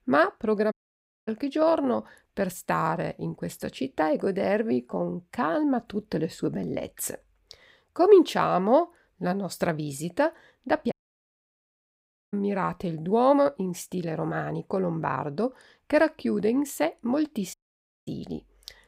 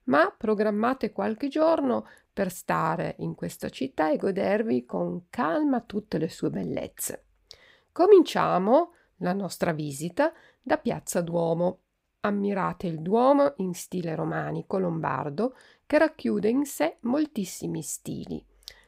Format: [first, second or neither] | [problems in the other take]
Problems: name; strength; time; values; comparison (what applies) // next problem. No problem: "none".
second | audio cutting out; at 0.5 s for 0.5 s, at 11 s for 1.5 s and at 18 s for 0.5 s